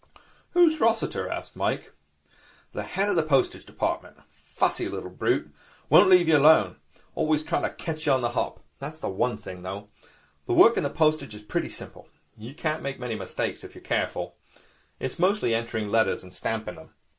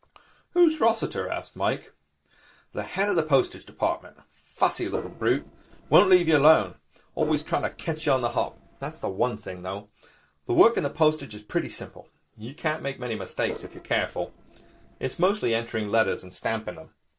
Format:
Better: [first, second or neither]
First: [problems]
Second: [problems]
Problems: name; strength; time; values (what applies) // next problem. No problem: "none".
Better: first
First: none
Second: noise reduction (neural separator model SepFormer DNS4)